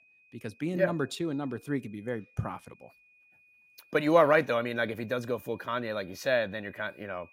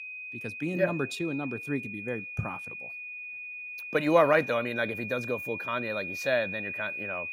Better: first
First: high-pitched whine; faint; throughout; 2.5 kHz, 30 dB below the speech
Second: high-pitched whine; loud; throughout; 2.5 kHz, 6 dB below the speech

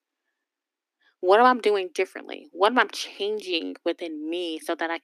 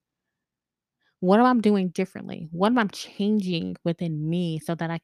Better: second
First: thin; very; fading below 250 Hz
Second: none

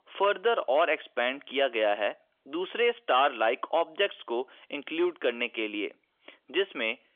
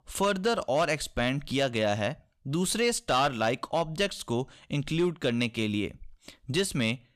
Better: second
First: phone-call audio; nothing above 3.5 kHz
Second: none

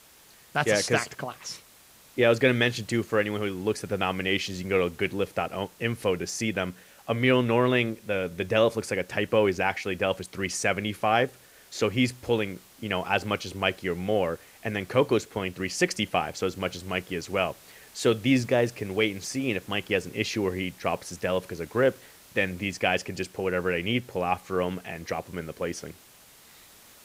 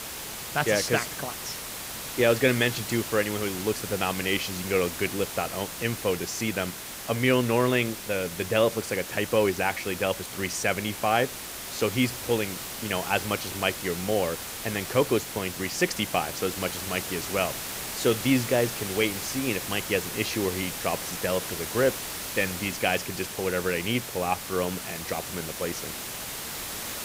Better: first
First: hiss; faint; throughout; 25 dB below the speech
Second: hiss; loud; throughout; 6 dB below the speech

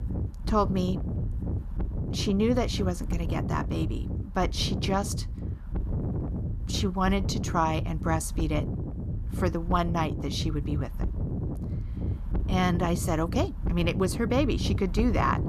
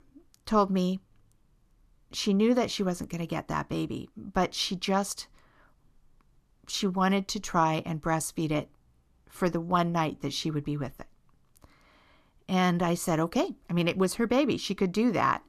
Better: second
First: wind noise on the microphone; occasional gusts; 10 dB below the speech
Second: none

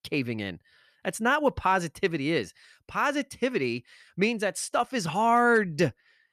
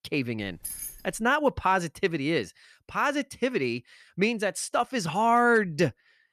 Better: first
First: none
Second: jangling keys; noticeable; at 0.5 s; peak 8 dB below the speech

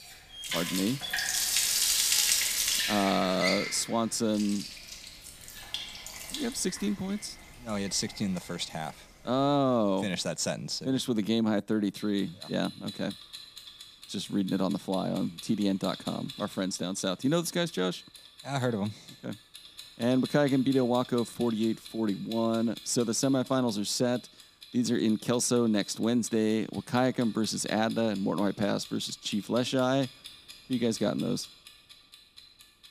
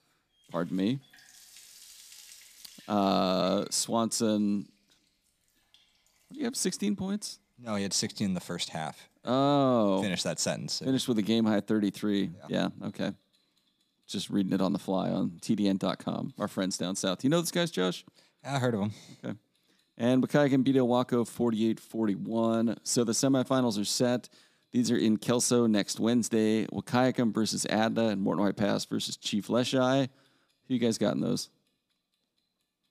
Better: second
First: household noises; loud; throughout; 2 dB below the speech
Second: household noises; faint; throughout; 30 dB below the speech

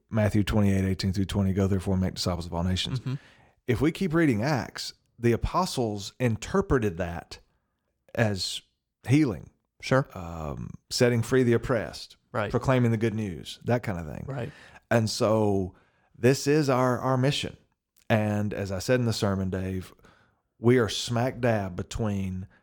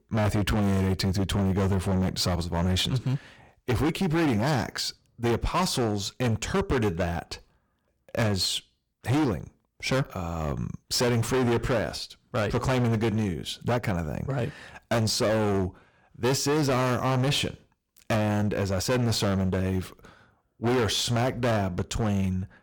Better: first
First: none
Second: distortion; heavy; 19% of the sound clipped

